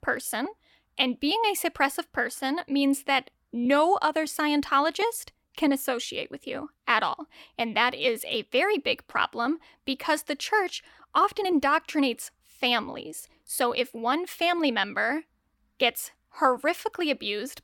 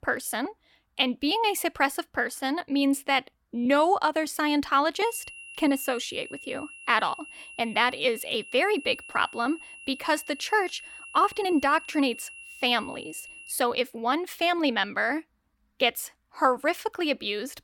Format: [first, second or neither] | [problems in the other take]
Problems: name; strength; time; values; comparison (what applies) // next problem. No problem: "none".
first | high-pitched whine; noticeable; from 5 to 14 s; 2.5 kHz, 15 dB below the speech